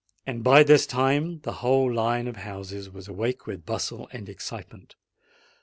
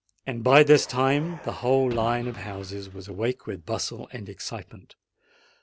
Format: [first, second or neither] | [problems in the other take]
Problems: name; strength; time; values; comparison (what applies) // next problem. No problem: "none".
first | background sound (Car); 18 dB below the speech